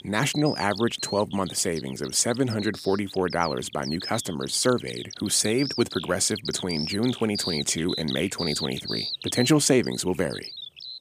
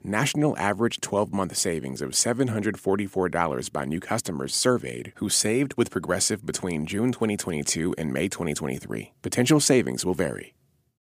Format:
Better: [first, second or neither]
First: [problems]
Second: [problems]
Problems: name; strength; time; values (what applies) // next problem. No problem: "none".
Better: second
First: animal sounds; loud; throughout; 8 dB below the speech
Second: none